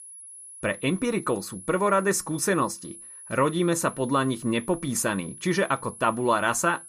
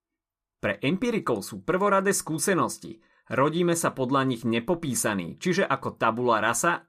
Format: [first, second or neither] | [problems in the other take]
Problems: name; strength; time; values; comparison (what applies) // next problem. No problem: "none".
second | high-pitched whine; noticeable; throughout; 10.5 kHz, 15 dB below the speech